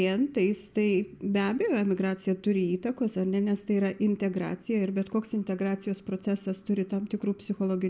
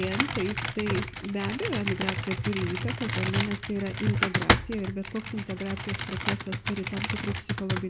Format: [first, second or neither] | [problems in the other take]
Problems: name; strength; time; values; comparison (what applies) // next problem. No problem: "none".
first | background sound (Computer keyboard); 2 dB above the speech